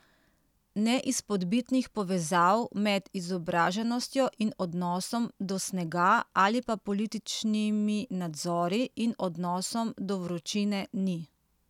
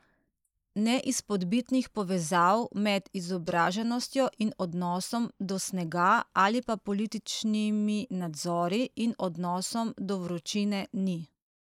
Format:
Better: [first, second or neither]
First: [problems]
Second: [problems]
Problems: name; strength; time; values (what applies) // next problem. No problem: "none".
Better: first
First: none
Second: noise reduction (neural mask model Resemble Enhance denoiser)